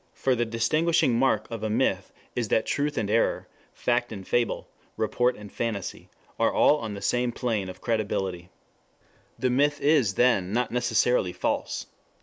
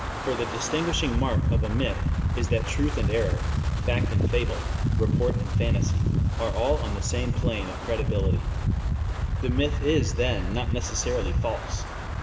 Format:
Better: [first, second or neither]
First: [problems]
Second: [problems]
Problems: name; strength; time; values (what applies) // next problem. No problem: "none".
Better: first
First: none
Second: background sound (Wind); 5 dB above the speech // room echo; dies away in 2.6 s